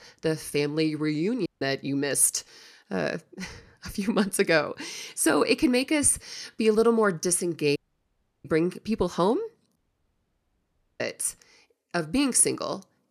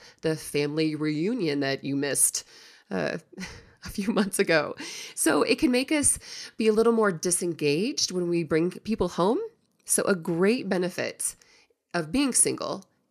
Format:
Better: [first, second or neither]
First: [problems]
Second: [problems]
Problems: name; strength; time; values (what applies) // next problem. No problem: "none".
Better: second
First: audio cutting out; at 1.5 s, at 8 s for 0.5 s and at 10 s for 1 s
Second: none